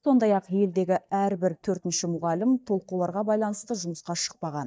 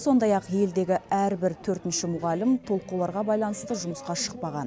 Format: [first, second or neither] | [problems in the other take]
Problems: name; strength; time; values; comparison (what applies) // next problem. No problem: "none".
second | noise reduction (neural mask model DeepFilterNet 3)